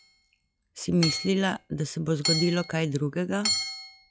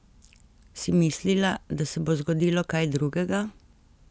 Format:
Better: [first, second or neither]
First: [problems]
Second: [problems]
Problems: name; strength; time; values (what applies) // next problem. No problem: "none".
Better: second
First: noise reduction (classical method log-MMSE)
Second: none